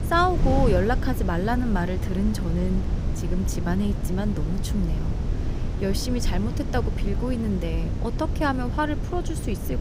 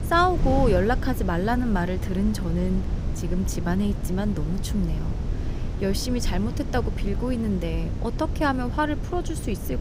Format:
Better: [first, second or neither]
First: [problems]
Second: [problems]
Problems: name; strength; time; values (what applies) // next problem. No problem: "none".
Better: second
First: wind noise on the microphone; heavy; 9 dB below the speech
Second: wind noise on the microphone; occasional gusts; 10 dB below the speech